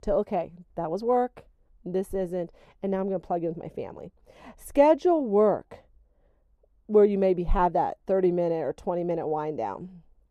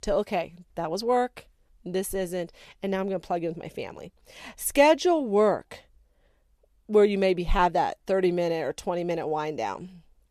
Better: second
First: muffled; very; fading above 1.5 kHz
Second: none

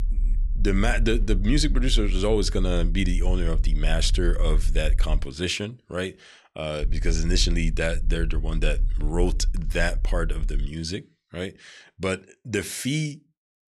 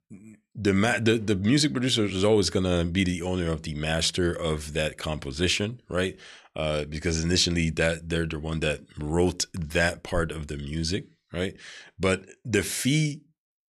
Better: second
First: low rumble; faint; until 5 s and from 7 to 11 s; 20 dB below the speech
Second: none

